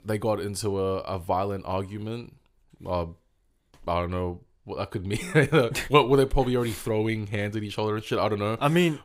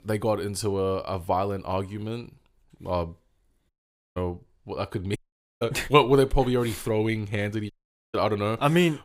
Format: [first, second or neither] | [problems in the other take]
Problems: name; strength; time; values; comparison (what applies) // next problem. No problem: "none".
first | audio cutting out; at 3.5 s, at 5 s and at 7.5 s